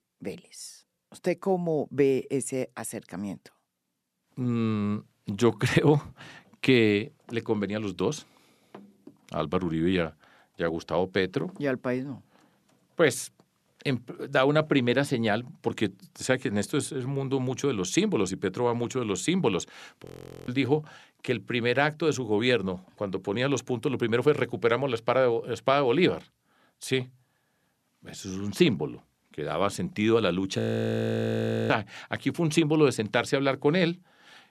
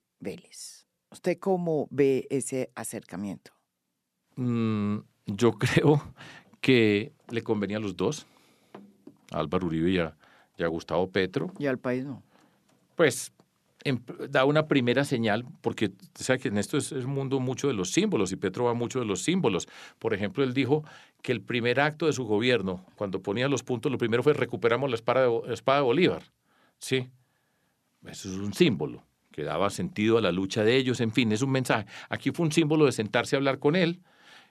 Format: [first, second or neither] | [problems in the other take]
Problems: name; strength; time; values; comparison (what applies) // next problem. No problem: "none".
second | audio freezing; at 20 s and at 31 s for 1 s